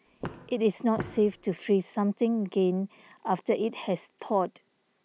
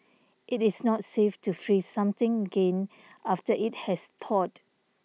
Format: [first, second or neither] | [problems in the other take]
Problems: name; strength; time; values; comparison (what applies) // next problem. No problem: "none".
second | background sound (Walk, footsteps); 12 dB below the speech